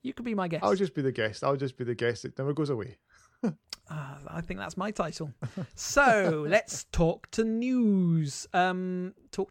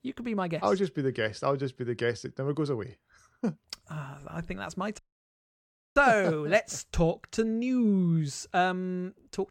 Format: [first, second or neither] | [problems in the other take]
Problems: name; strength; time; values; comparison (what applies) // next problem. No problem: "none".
first | audio cutting out; at 5 s for 1 s